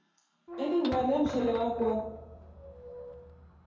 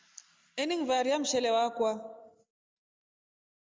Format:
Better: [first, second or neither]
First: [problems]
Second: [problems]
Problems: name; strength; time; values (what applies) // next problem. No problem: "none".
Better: second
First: background sound (Squeak / Thump, thud); 11 dB below the speech // room echo; dies away in 2.4 s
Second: none